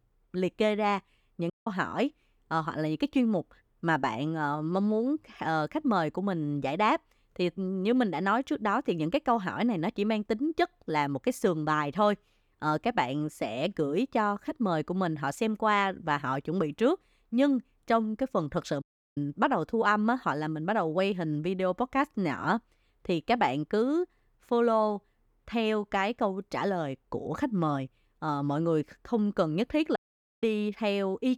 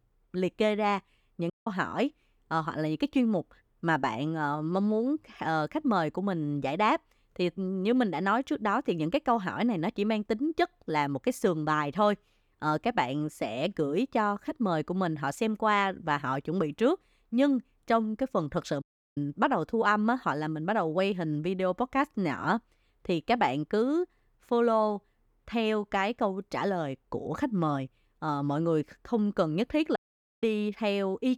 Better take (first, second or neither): neither